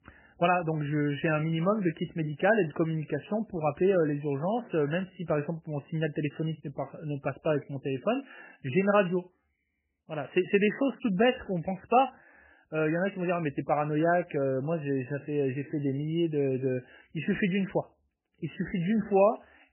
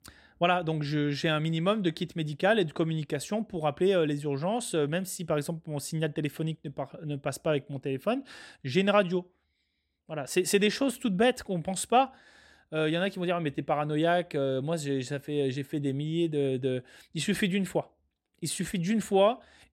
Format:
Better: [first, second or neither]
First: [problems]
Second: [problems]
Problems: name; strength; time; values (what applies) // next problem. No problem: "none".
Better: second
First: garbled, watery; badly; nothing above 3 kHz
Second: none